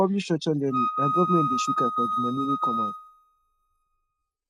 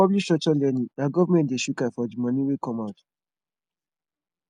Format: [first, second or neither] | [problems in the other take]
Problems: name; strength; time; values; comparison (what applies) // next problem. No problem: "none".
second | noise reduction (neural mask model RNNoise)